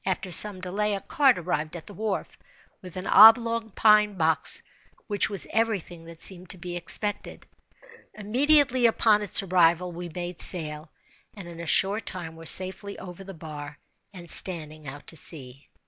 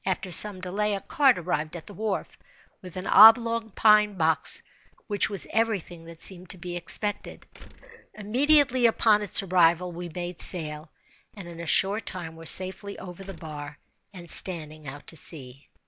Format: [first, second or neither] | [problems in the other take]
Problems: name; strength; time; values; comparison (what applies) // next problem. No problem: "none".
first | background sound (Slam); 18 dB below the speech